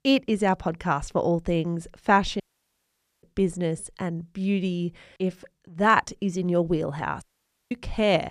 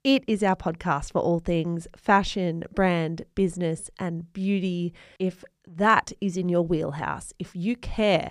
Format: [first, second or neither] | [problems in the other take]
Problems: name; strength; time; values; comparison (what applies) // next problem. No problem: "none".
second | audio cutting out; at 2.5 s for 1 s and at 7 s